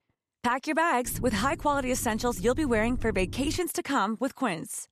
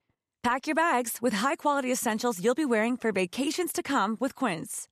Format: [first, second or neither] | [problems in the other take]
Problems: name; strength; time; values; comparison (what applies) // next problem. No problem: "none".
second | low rumble; faint; from 1 to 3.5 s; 25 dB below the speech